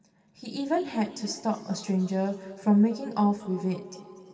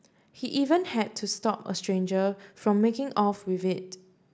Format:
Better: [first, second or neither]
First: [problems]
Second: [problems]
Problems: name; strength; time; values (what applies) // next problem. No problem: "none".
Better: second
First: room echo; dies away in 2.8 s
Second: none